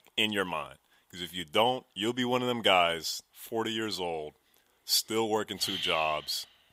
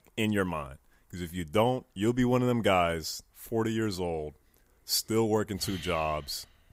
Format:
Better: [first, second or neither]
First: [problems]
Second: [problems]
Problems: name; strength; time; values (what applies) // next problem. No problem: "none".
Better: second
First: thin; very slightly; fading below 400 Hz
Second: none